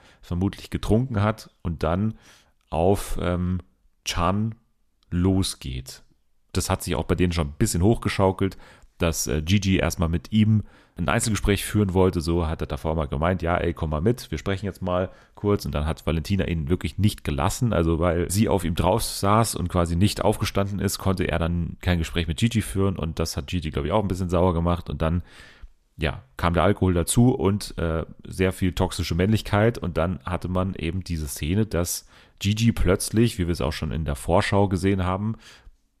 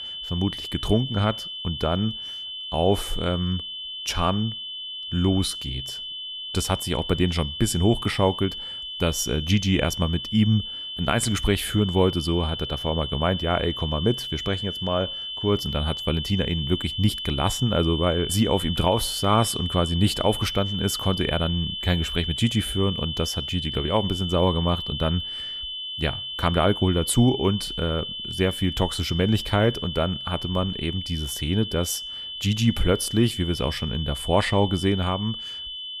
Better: first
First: none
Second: high-pitched whine; loud; throughout; 3 kHz, 6 dB below the speech

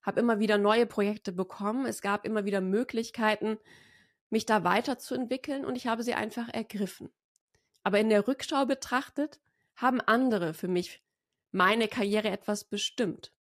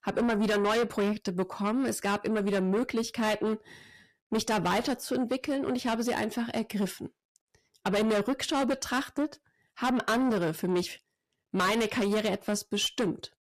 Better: first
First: none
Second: distortion; heavy; 6 dB below the speech

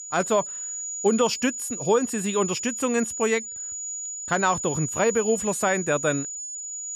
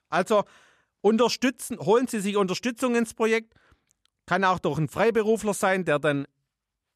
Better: second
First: high-pitched whine; loud; throughout; 7 kHz, 6 dB below the speech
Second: none

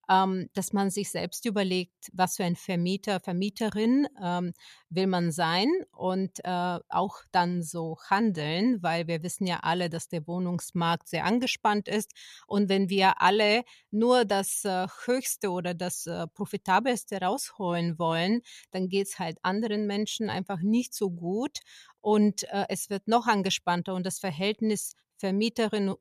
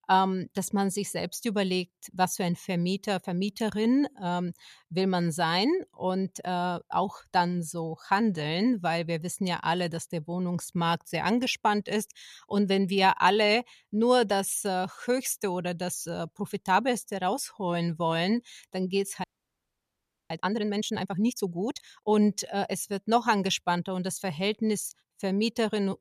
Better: first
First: none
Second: audio freezing; at 19 s for 1 s

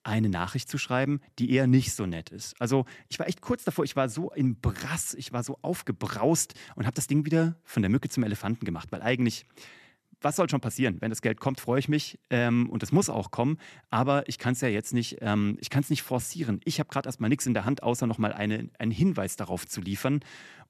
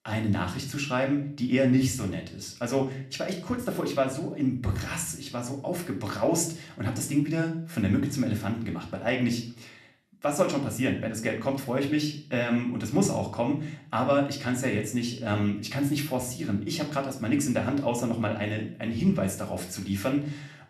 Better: first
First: none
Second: room echo; slight; dies away in 0.4 s // off-mic speech; somewhat distant

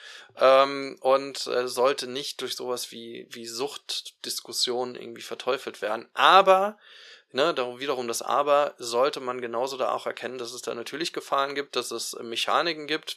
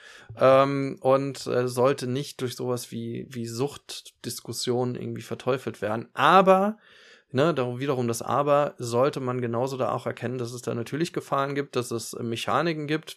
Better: second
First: thin; somewhat; fading below 450 Hz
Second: none

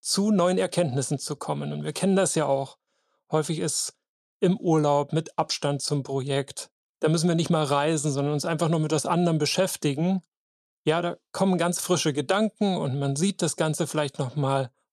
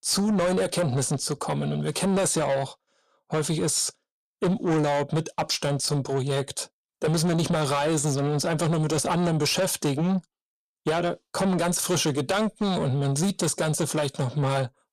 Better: first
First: none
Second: distortion; heavy; 8 dB below the speech

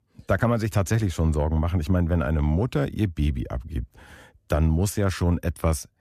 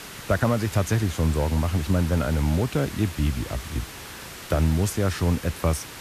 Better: first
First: none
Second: hiss; noticeable; throughout; 15 dB below the speech

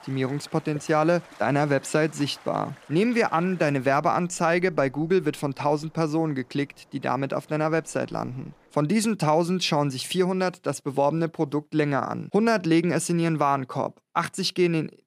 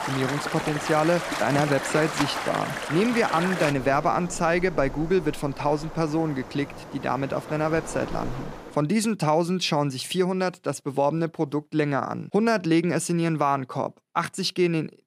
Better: first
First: rain or running water; faint; until 8.5 s; 25 dB below the speech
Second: rain or running water; loud; until 8.5 s; 7 dB below the speech

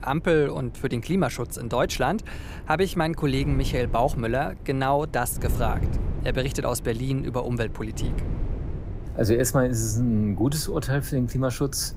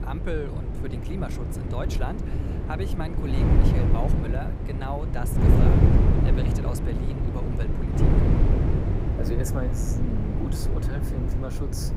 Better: first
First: wind noise on the microphone; occasional gusts; 20 dB below the speech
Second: wind noise on the microphone; heavy; 2 dB above the speech

